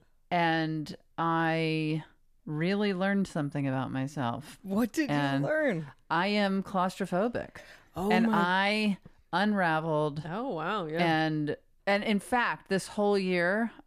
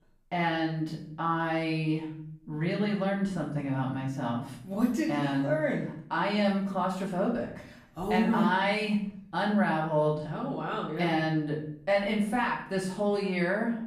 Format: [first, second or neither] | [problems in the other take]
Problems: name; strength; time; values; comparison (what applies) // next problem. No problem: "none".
first | off-mic speech; far // room echo; noticeable; dies away in 0.6 s